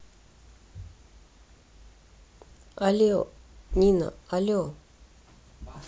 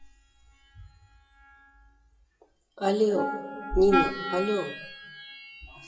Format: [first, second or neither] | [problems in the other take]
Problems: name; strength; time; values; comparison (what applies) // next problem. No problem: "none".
first | noise reduction (classical method WPE with log-MMSE)